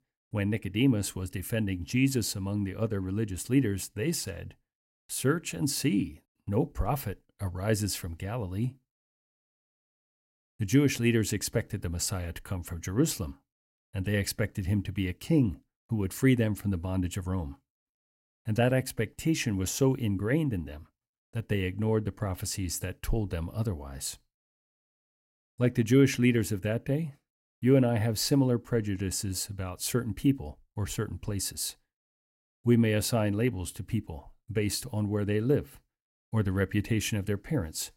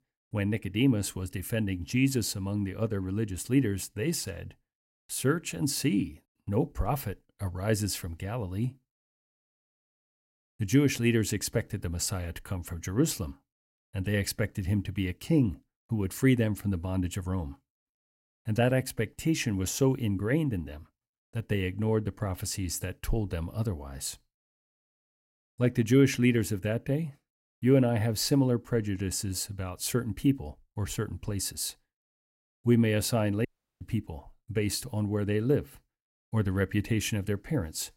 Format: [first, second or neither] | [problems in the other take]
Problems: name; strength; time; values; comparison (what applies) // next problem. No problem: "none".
first | audio cutting out; at 33 s